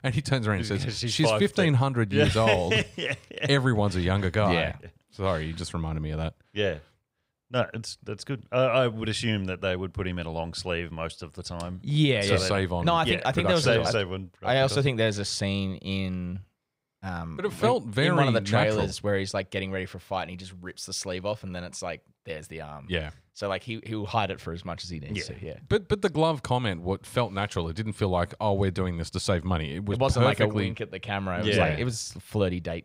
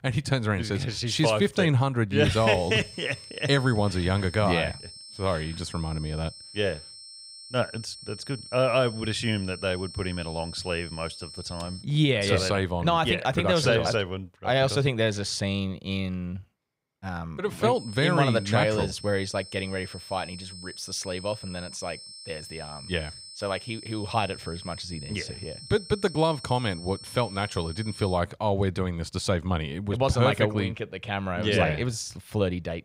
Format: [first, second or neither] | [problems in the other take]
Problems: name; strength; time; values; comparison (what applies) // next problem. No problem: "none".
first | high-pitched whine; noticeable; from 2.5 to 12 s and from 18 to 28 s; 5.5 kHz, 15 dB below the speech